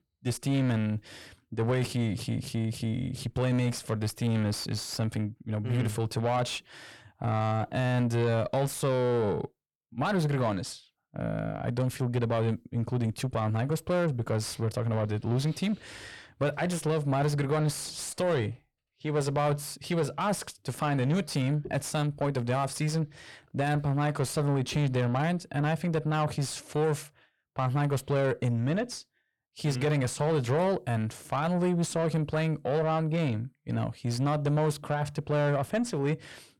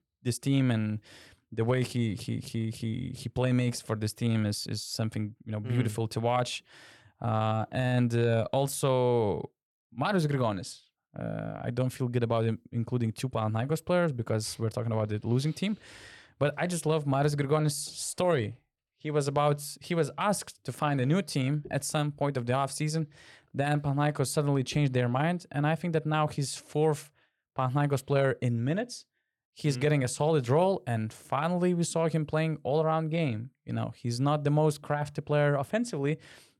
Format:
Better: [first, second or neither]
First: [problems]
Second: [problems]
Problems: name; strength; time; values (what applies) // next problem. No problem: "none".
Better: second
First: distortion; slight; 10 dB below the speech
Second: none